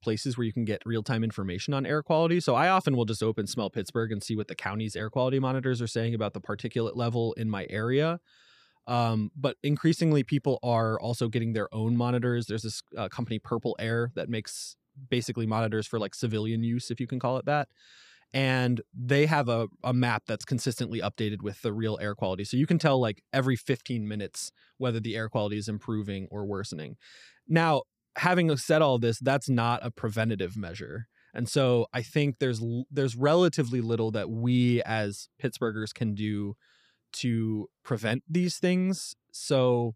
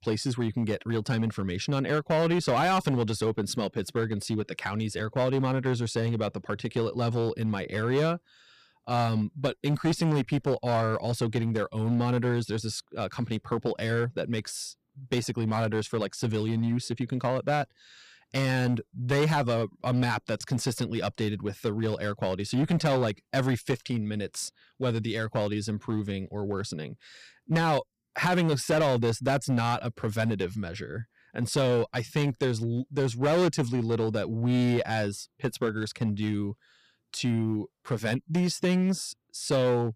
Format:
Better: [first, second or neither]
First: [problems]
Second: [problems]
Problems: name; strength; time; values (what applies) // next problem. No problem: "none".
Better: first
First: none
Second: distortion; slight; 7% of the sound clipped